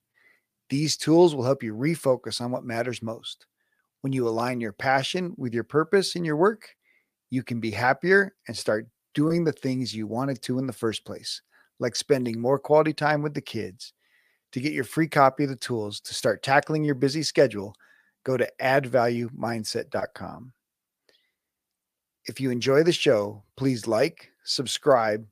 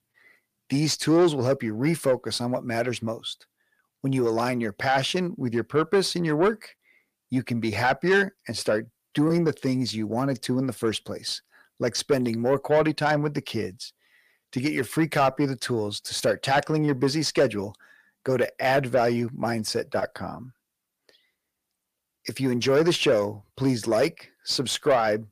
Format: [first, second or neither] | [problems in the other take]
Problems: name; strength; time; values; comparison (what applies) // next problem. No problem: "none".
first | distortion; slight; 10 dB below the speech